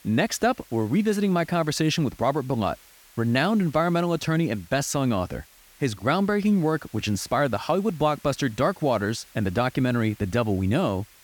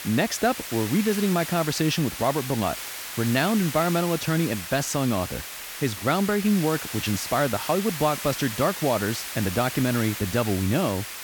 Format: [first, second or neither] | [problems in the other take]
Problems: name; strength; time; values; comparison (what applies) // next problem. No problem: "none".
first | hiss; loud; throughout; 7 dB below the speech; faint in the first